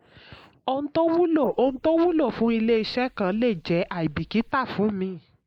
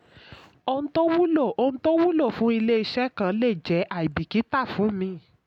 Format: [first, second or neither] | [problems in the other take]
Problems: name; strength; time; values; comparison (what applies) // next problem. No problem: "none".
second | noise reduction (neural mask model Resemble Enhance denoiser)